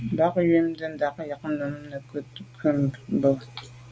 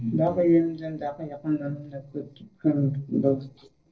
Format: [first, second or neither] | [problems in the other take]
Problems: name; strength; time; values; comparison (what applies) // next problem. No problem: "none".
first | noise reduction (neural separator model SepFormer DNS4)